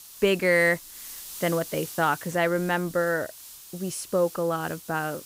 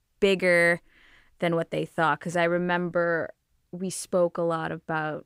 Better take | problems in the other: second | hiss; noticeable; throughout; 15 dB below the speech

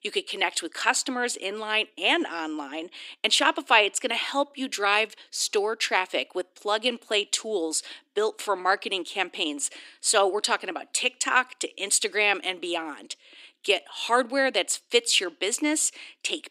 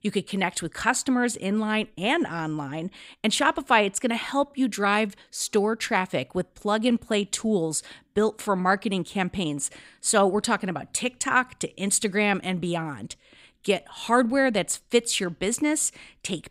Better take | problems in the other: second | thin; somewhat; fading below 300 Hz

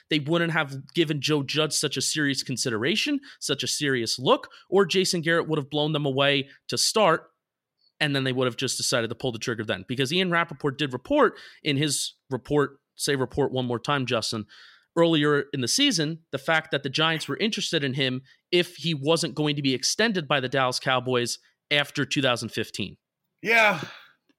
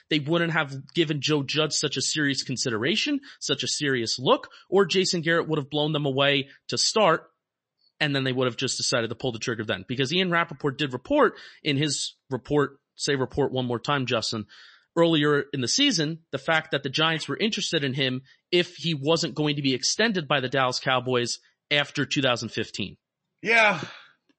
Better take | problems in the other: first | garbled, watery; slightly; nothing above 8 kHz

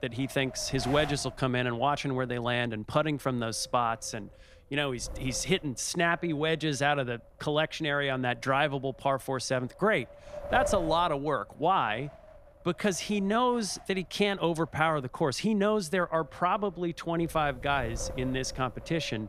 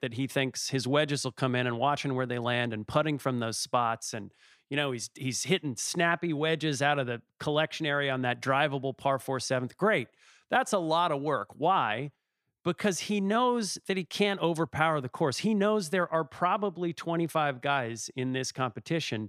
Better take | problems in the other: second | wind noise on the microphone; occasional gusts; 15 dB below the speech

